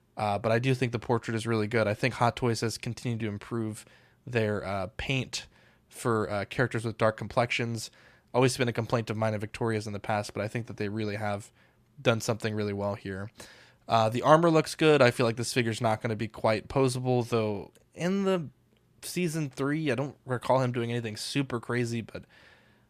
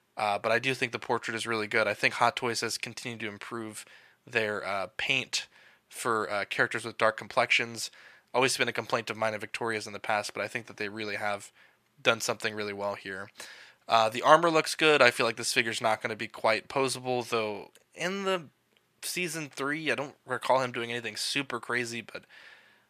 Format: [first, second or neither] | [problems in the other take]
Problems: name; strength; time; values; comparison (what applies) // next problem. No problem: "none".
first | thin; somewhat; fading below 750 Hz